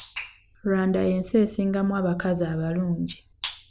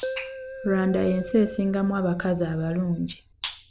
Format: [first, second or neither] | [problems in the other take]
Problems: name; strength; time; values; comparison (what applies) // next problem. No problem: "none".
first | background sound (Keyboard (musical)); 13 dB below the speech